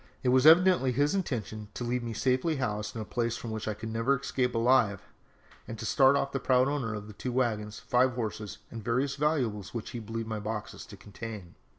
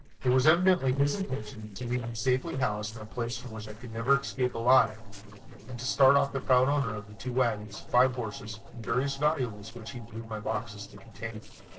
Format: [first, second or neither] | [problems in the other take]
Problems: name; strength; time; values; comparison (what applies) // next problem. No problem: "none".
first | noise reduction (neural separator model SepFormer DNS4)